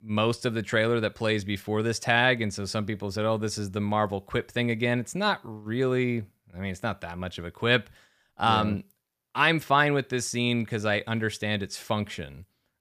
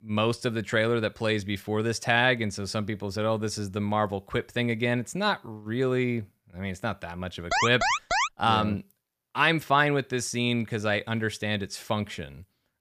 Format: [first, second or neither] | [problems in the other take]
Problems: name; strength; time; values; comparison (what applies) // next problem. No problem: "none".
first | alarm; loud; at 7.5 s; peak 3 dB above the speech